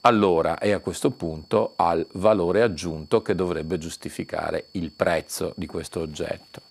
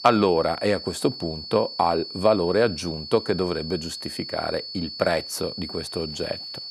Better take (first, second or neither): first